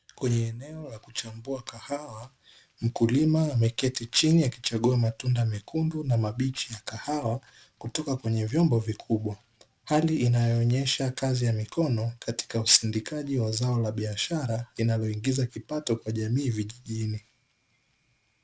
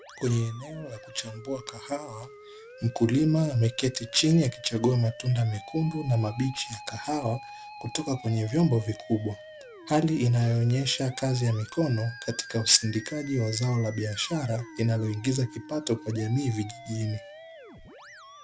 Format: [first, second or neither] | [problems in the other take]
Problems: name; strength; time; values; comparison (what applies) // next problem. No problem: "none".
first | background sound (Musical instrument); 18 dB below the speech